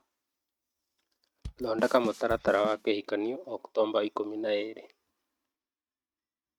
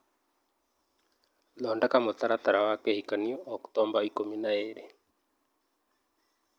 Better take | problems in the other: second | noise reduction (neural mask model RNNoise)

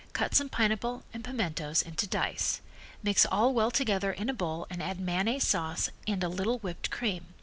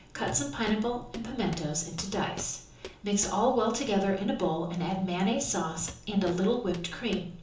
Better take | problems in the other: first | background sound (Walk, footsteps); 17 dB below the speech // room echo; dies away in 0.6 s

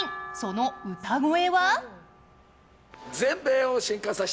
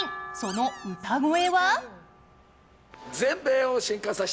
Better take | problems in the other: first | background sound (Squeak); 17 dB below the speech

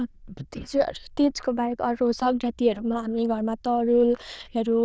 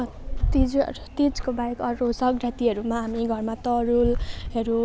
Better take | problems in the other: second | noise reduction (neural diffusion model UNIVERSE++)

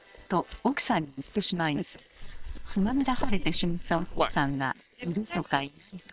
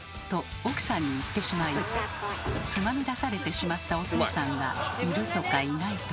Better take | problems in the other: second | noise reduction (neural separator model SepFormer WHAM!)

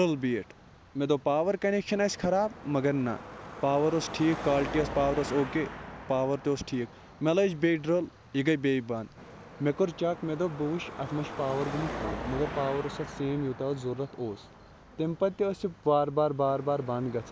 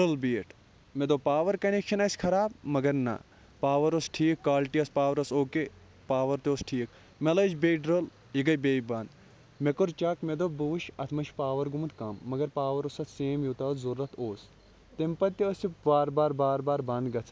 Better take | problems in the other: second | background sound (Car passing by / Traffic noise, roadway noise / Engine); 13 dB below the speech

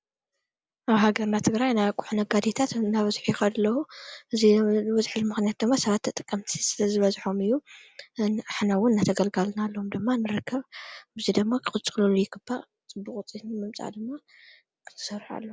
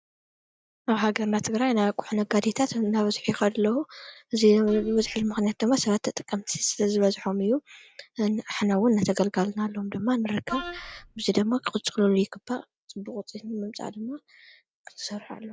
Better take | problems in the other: first | noise reduction (neural mask model DeepFilterNet 3)

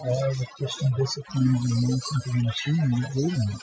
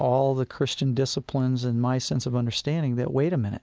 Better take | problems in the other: second | noise reduction (classical method Wiener filter)

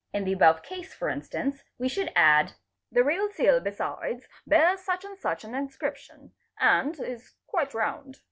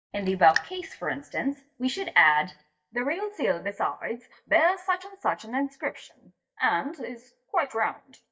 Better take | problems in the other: first | noise reduction (neural mask model DeepFilterNet 3)

